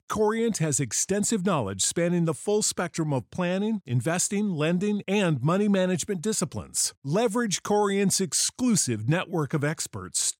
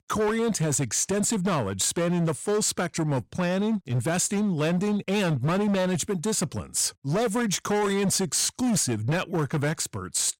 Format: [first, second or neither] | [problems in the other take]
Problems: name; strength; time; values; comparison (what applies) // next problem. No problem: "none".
first | distortion; slight; 21% of the sound clipped